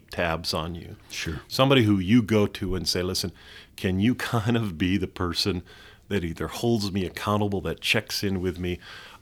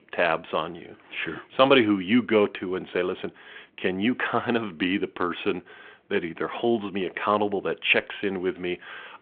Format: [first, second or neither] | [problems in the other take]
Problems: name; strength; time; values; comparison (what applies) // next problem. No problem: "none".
first | phone-call audio